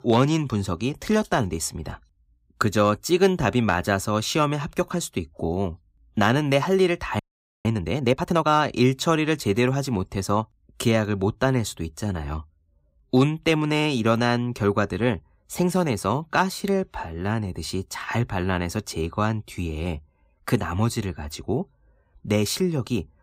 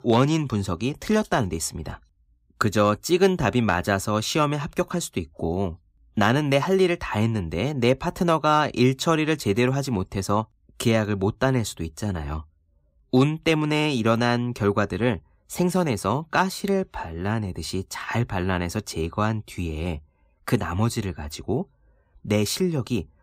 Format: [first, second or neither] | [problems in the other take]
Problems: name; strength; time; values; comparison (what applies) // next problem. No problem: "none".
second | audio freezing; at 7 s